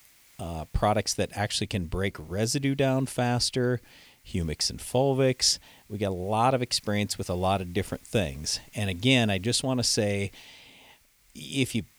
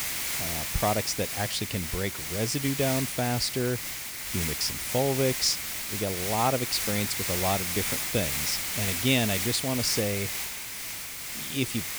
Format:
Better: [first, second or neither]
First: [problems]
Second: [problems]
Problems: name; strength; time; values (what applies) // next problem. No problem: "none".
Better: first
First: hiss; faint; throughout; 30 dB below the speech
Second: hiss; loud; throughout; 1 dB below the speech